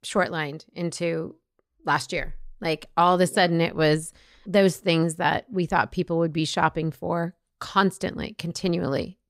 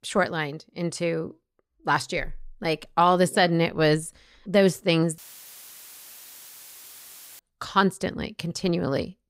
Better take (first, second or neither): first